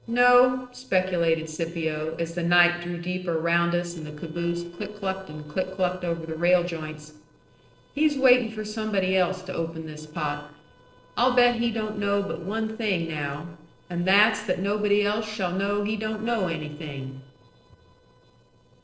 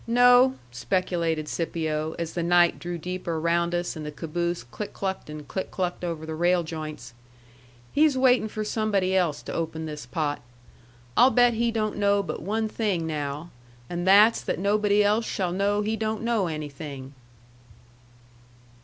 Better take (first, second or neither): second